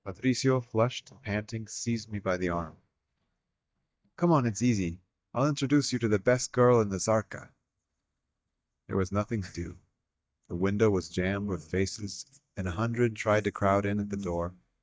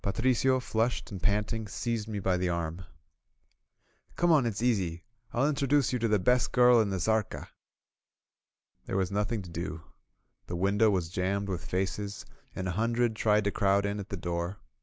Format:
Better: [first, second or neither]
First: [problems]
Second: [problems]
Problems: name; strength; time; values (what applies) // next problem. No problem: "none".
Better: second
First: noise reduction (neural mask model DeepFilterNet 3)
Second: none